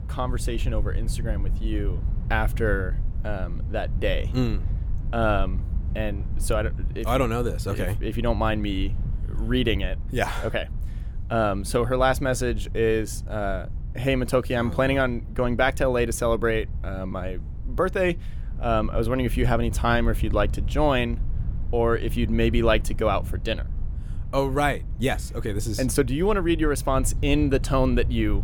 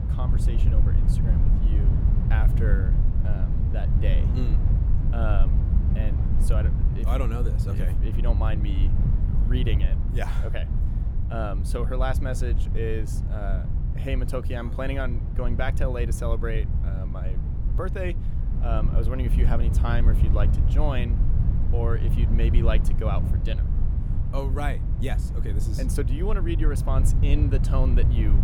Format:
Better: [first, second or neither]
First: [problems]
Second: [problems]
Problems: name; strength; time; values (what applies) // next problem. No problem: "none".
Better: first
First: wind noise on the microphone; occasional gusts; 20 dB below the speech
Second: wind noise on the microphone; heavy; 5 dB below the speech